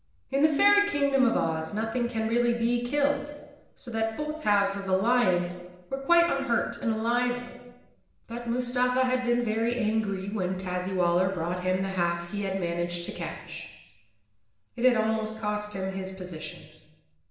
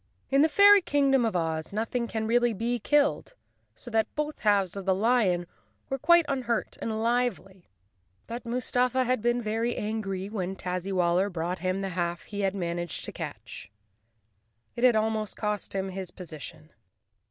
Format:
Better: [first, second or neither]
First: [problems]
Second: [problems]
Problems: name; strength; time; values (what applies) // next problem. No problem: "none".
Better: second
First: room echo; dies away in 1.1 s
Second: none